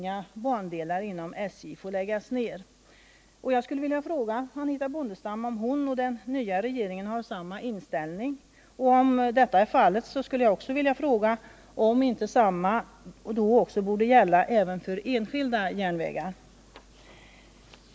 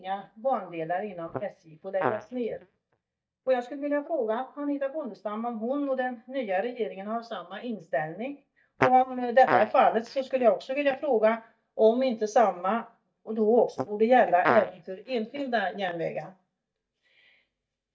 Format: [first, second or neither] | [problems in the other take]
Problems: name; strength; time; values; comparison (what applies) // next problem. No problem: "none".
first | noise reduction (neural mask model DeepFilterNet 3)